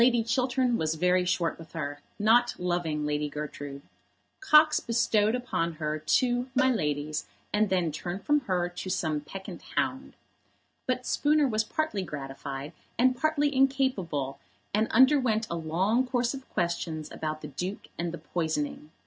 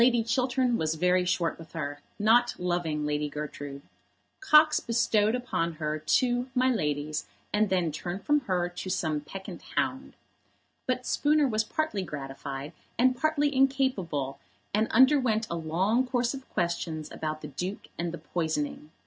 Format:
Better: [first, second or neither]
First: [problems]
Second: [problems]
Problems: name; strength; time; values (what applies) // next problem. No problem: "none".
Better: second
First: background sound (Cowbell); 15 dB below the speech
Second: none